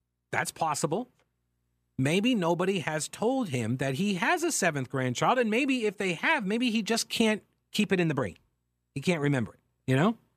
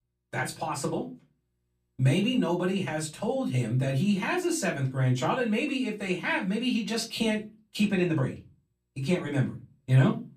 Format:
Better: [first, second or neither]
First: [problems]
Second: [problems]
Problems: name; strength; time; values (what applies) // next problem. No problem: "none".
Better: first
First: none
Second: off-mic speech; far // room echo; very slight; dies away in 0.3 s